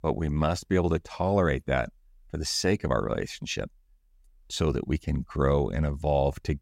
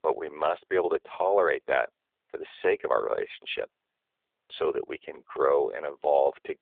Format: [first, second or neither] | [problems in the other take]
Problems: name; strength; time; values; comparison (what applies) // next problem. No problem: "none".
first | phone-call audio; nothing above 3.5 kHz